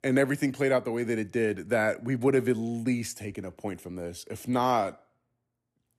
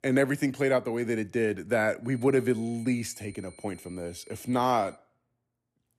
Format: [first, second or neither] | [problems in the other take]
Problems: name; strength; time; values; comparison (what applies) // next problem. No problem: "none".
first | high-pitched whine; faint; from 2 to 5 s; 2.5 kHz, 25 dB below the speech